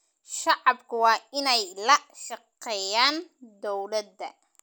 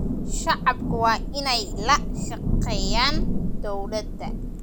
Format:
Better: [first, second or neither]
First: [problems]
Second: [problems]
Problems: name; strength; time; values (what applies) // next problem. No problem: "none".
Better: first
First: none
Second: background sound (Thunder / Rain); 1 dB above the speech